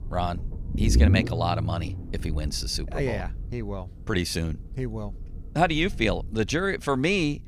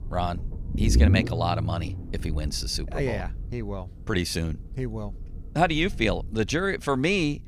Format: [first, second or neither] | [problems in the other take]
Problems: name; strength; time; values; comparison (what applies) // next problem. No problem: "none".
neither | low rumble; noticeable; throughout; 10 dB below the speech; the same in both